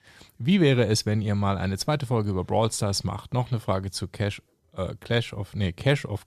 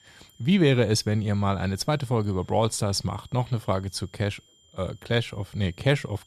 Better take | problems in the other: first | high-pitched whine; faint; throughout; 3.5 kHz, 30 dB below the speech

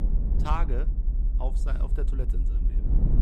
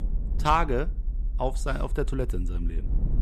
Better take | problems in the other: second | low rumble; loud; throughout; 9 dB below the speech; faint in the second

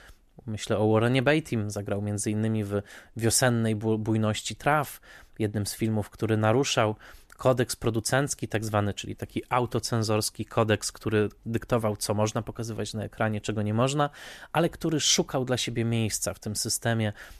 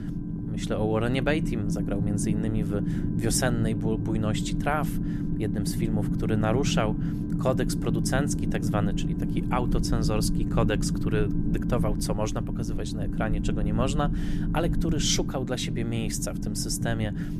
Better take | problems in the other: first | low rumble; loud; throughout; 5 dB below the speech

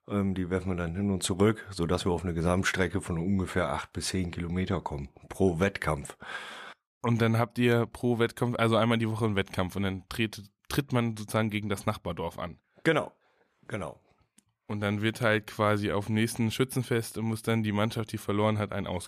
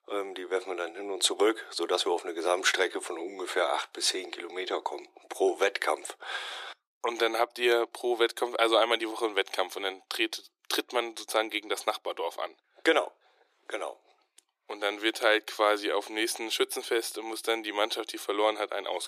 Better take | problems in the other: first | thin; very; fading below 350 Hz

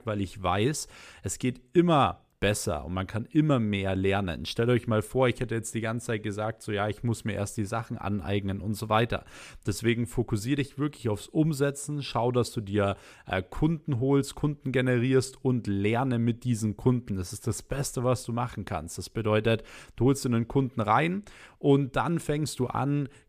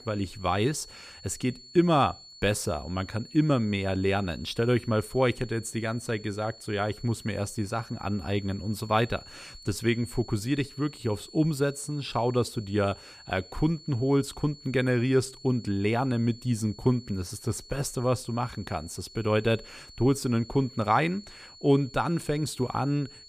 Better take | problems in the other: first | high-pitched whine; noticeable; throughout; 4.5 kHz, 20 dB below the speech

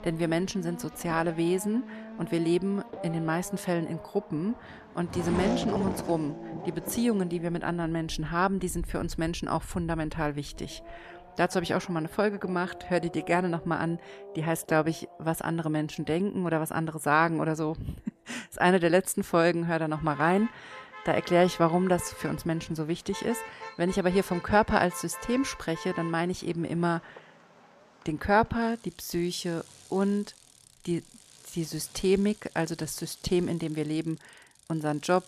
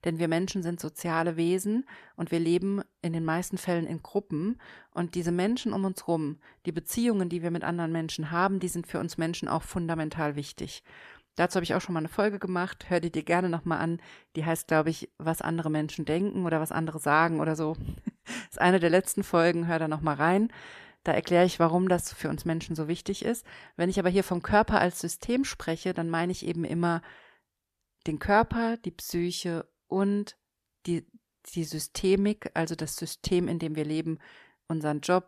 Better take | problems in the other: second | traffic noise; noticeable; throughout; 15 dB below the speech

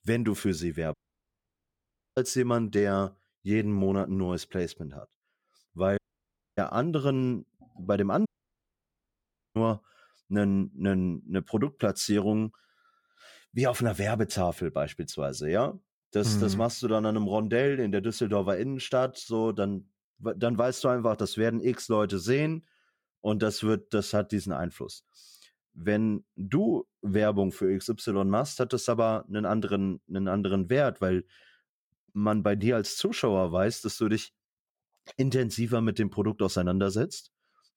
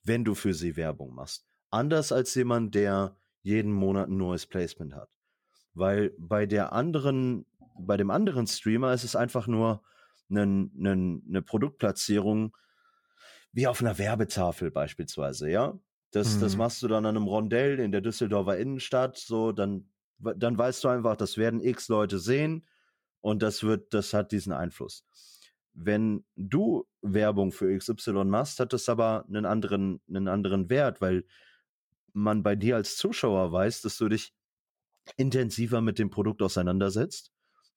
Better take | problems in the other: second | audio cutting out; at 1 s for 1 s, at 6 s for 0.5 s and at 8.5 s for 1.5 s

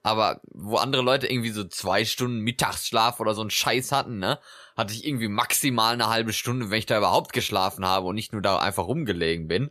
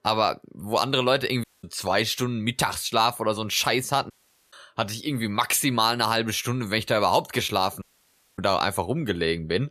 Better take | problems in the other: first | audio cutting out; at 1.5 s, at 4 s and at 8 s for 0.5 s

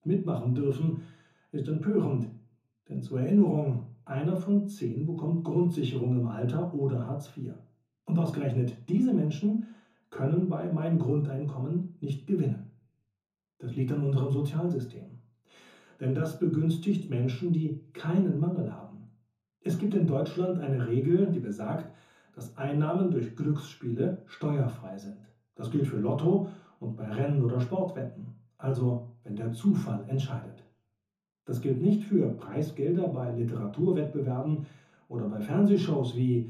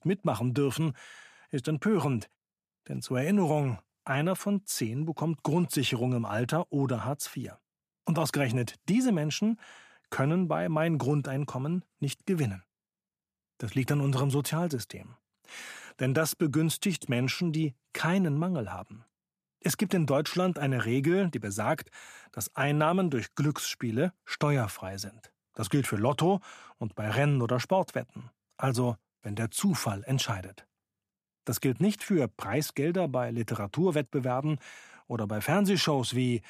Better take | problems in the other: second | room echo; noticeable; dies away in 0.6 s // off-mic speech; far

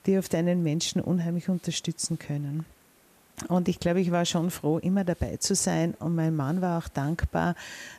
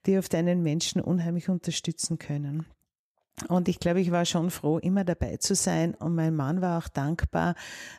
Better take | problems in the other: second | hiss; faint; throughout; 30 dB below the speech

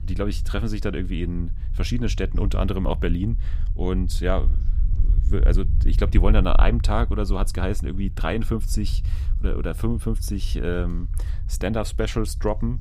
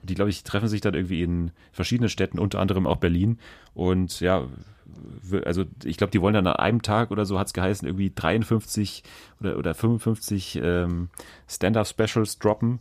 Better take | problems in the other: second | low rumble; noticeable; throughout; 15 dB below the speech

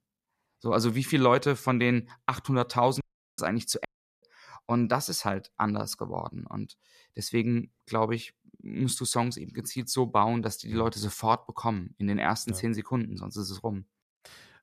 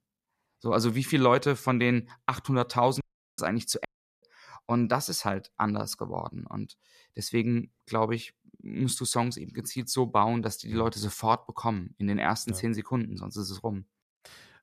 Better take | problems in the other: neither | audio cutting out; at 3 s and at 4 s; the same in both

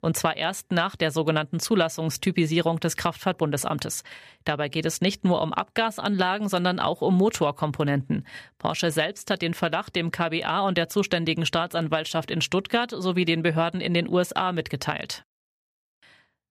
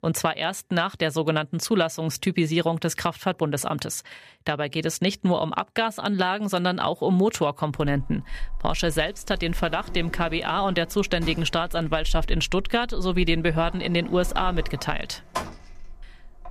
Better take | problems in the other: first | door banging; noticeable; from 8 s on; peak 7 dB below the speech

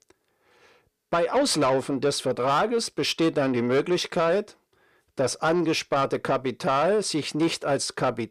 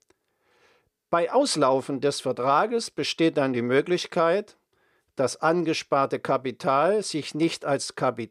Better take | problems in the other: second | distortion; slight; 10 dB below the speech

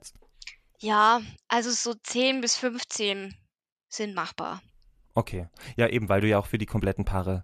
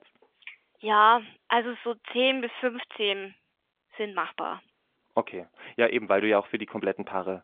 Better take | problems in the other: first | phone-call audio; nothing above 3.5 kHz

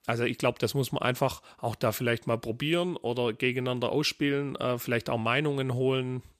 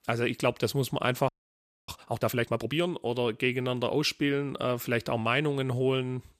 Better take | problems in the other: first | audio freezing; at 1.5 s for 0.5 s

